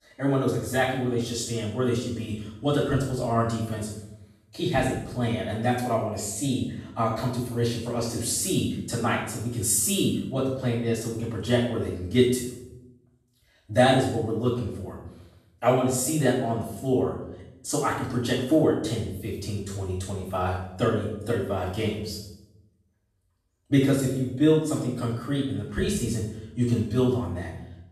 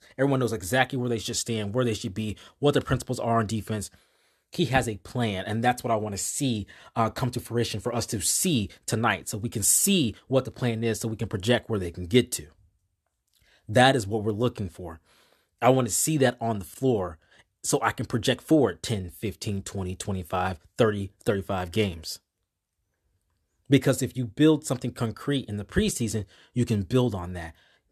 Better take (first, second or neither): second